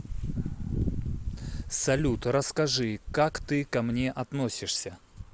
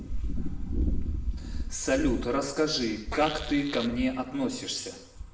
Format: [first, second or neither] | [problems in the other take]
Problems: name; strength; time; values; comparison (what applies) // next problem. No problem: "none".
first | background sound (Fart); 13 dB below the speech // room echo; dies away in 0.7 s